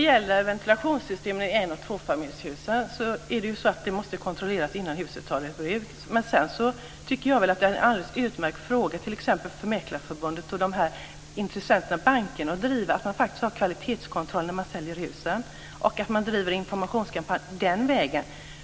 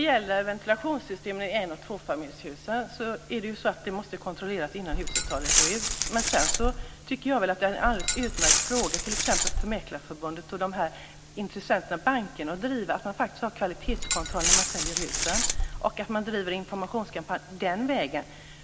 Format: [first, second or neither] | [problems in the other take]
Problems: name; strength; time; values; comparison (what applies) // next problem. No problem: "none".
first | background sound (Glass); 3 dB above the speech